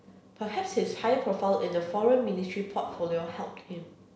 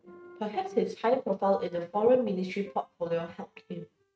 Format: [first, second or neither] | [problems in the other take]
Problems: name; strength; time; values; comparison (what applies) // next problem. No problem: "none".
first | noise reduction (neural mask model RNNoise)